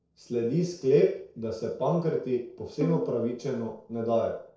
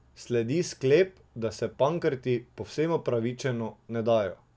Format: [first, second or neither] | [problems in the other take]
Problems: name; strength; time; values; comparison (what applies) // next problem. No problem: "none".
second | noise reduction (neural separator model SepFormer DNS4)